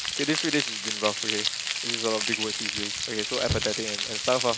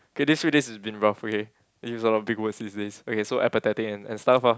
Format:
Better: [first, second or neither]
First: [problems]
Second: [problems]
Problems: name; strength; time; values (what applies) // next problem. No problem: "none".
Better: second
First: background sound (Frying (food)); 1 dB above the speech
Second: none